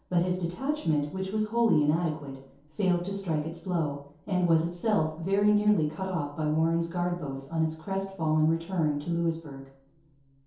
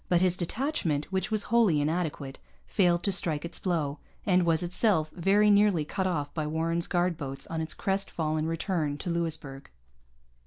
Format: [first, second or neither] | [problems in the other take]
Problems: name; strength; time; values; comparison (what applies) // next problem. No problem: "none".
second | room echo; dies away in 0.6 s